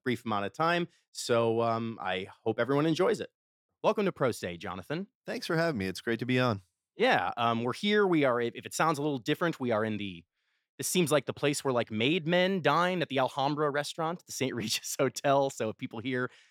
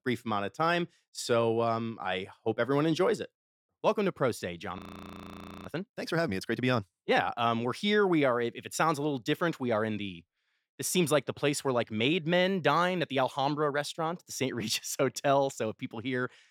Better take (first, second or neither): first